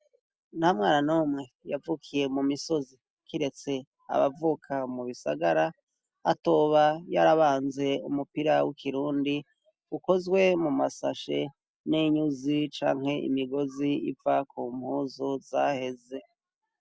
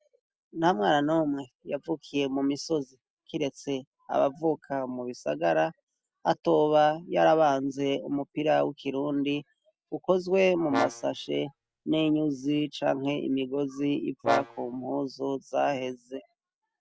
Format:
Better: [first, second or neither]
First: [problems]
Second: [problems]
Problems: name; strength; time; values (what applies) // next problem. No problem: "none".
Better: first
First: none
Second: background sound (Brass instrument); 8 dB below the speech